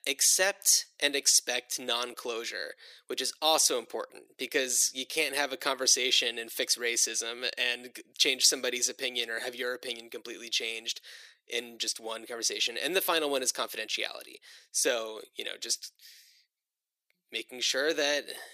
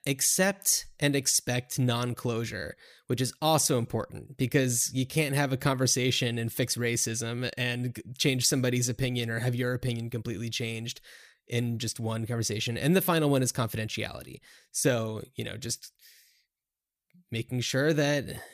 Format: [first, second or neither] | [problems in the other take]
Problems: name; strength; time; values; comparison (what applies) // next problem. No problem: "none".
second | thin; very; fading below 350 Hz